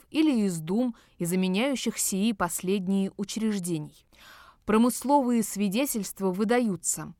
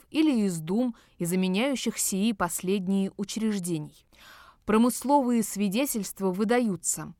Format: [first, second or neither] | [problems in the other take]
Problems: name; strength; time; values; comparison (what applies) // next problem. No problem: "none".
neither | none